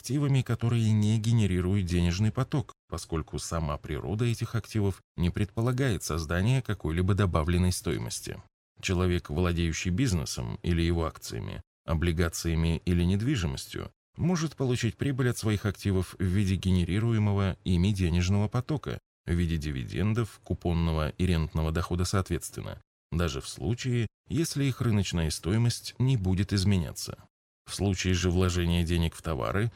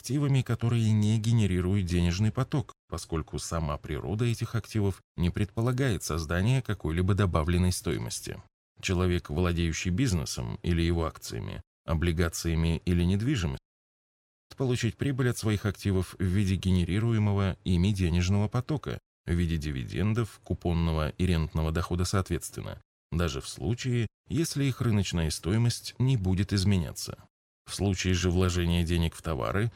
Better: first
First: none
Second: audio cutting out; at 14 s for 1 s

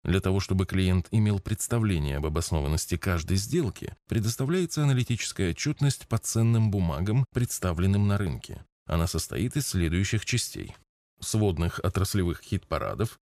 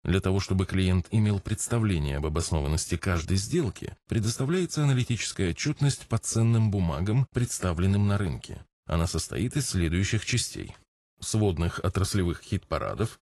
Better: first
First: none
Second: garbled, watery; slightly; nothing above 11.5 kHz

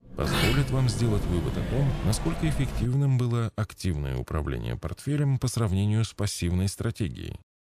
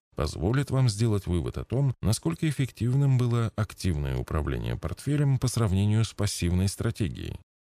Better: second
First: door banging; loud; until 3 s; peak 2 dB above the speech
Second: none

